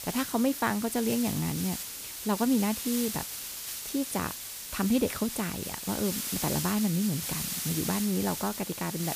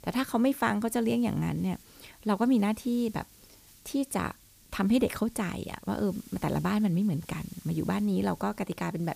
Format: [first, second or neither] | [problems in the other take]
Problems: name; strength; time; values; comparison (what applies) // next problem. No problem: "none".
second | hiss; loud; throughout; 4 dB below the speech; faint in the second